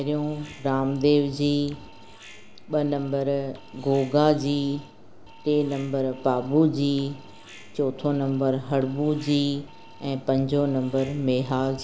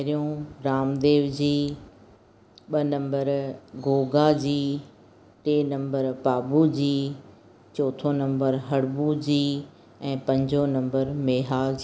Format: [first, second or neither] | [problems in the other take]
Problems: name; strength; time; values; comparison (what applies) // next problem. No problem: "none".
second | background sound (Alarm); 19 dB below the speech